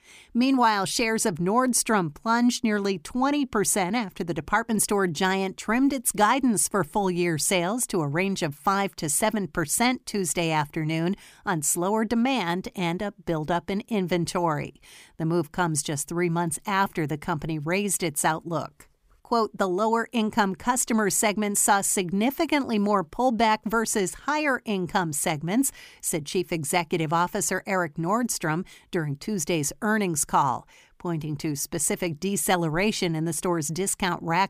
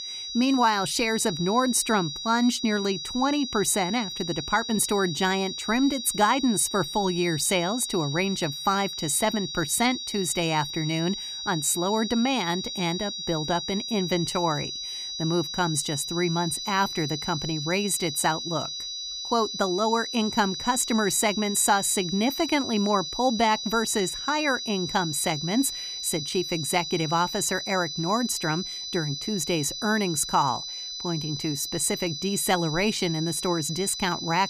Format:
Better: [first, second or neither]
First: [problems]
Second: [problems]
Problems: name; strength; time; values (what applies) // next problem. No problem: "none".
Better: first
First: none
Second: high-pitched whine; loud; throughout; 4 kHz, 6 dB below the speech